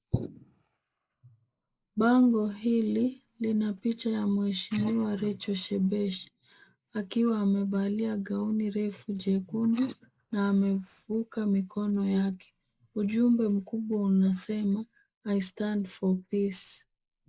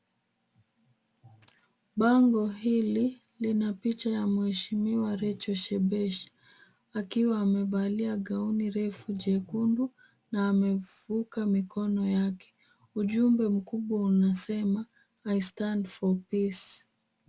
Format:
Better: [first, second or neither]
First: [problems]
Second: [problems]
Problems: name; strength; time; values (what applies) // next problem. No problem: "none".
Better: second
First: noise reduction (neural mask model Resemble Enhance denoiser)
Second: none